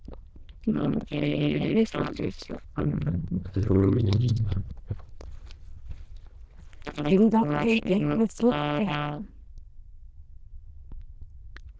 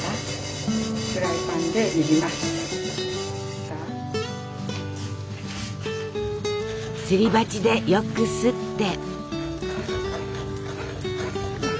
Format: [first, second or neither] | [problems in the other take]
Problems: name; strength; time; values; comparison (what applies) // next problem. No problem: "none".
second | noise reduction (neural diffusion model UNIVERSE++)